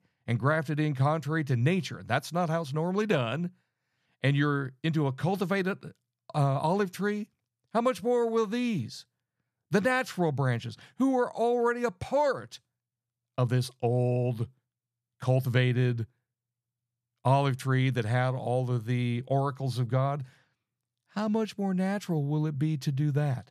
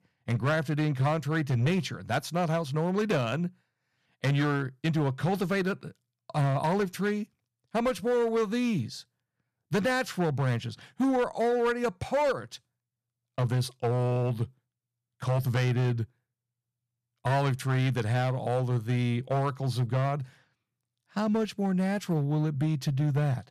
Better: first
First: none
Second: distortion; slight; 8% of the sound clipped

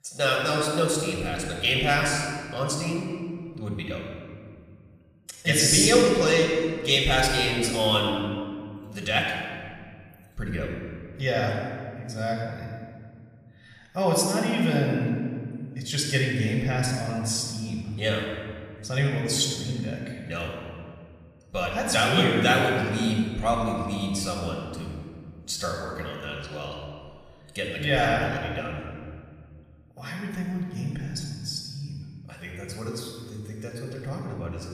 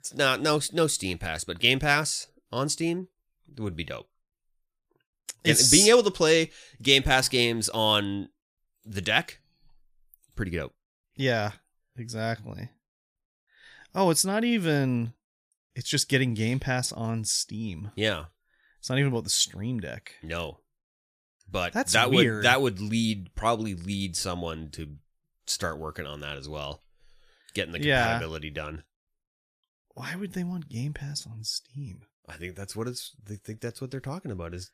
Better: second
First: room echo; noticeable; dies away in 1.7 s // off-mic speech; somewhat distant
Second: none

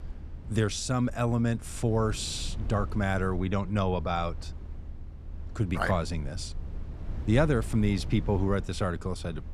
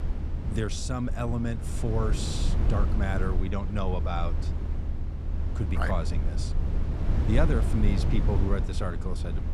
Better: first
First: low rumble; faint; throughout; 20 dB below the speech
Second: low rumble; loud; throughout; 7 dB below the speech

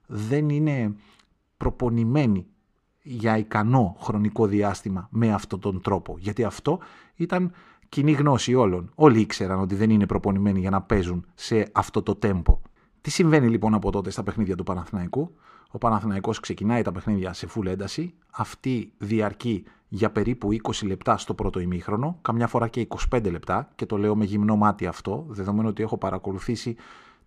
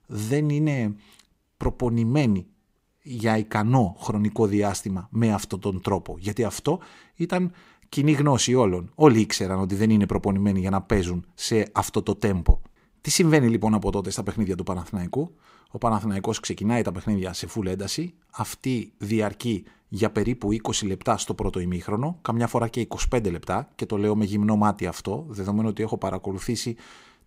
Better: second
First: muffled; very slightly; fading above 1.5 kHz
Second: none

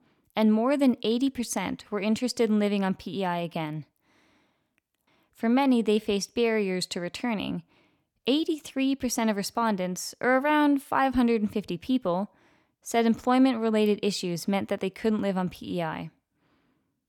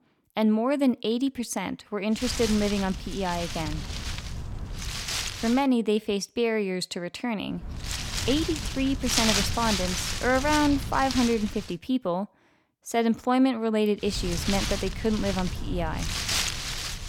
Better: first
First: none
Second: wind noise on the microphone; heavy; from 2 to 5.5 s, from 7.5 to 12 s and from 14 s on; 2 dB below the speech

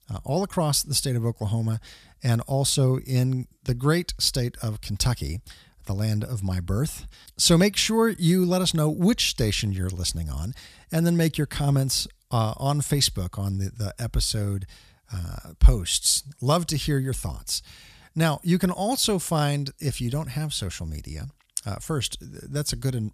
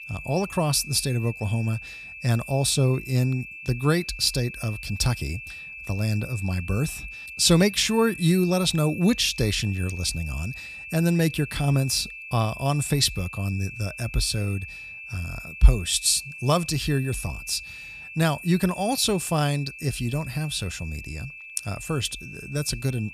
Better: first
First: none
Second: high-pitched whine; noticeable; throughout; 2.5 kHz, 10 dB below the speech

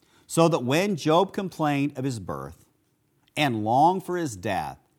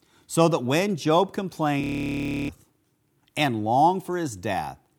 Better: first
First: none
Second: audio freezing; at 2 s for 0.5 s

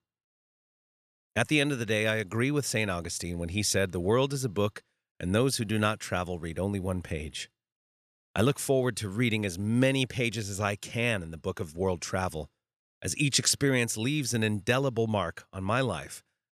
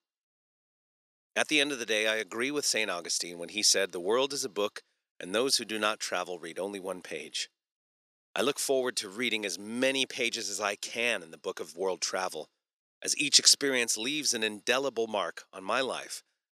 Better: first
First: none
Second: thin; somewhat; fading below 300 Hz

